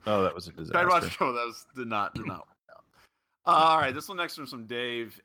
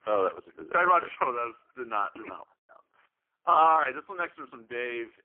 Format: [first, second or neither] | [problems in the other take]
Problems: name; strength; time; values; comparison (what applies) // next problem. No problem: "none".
first | phone-call audio; poor line; nothing above 3.5 kHz